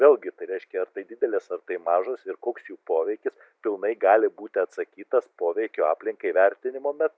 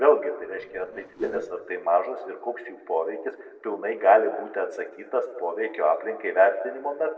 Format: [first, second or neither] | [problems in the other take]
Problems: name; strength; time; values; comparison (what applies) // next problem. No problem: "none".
first | noise reduction (neural separator model SepFormer DNS4)